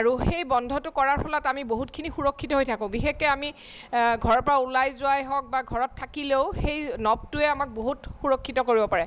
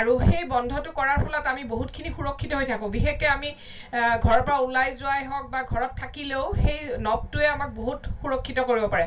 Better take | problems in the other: first | room echo; dies away in 0.2 s

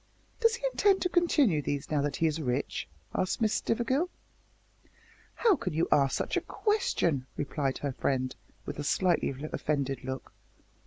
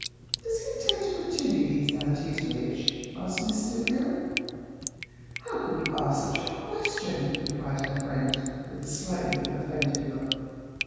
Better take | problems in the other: first | background sound (Drip); 7 dB below the speech // room echo; dies away in 2.1 s

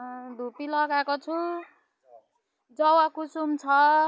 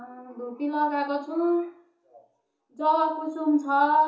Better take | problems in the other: first | room echo; dies away in 0.7 s

